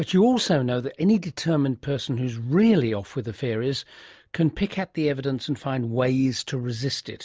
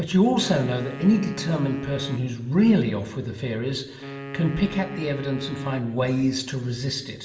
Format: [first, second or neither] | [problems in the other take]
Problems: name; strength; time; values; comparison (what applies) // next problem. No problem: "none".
first | background sound (Wind instrument, woodwind instrument); 14 dB below the speech // room echo; dies away in 1.7 s